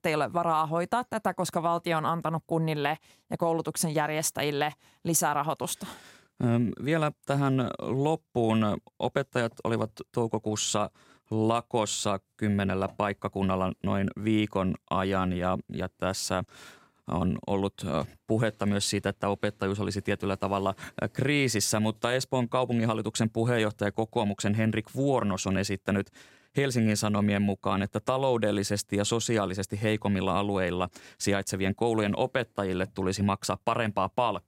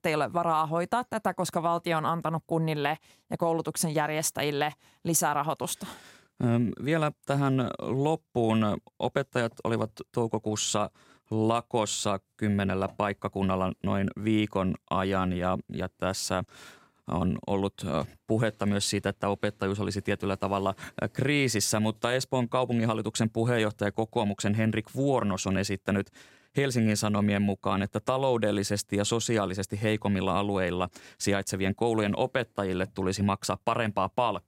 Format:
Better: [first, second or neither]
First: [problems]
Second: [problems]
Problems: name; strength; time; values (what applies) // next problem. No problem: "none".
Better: neither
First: none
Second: none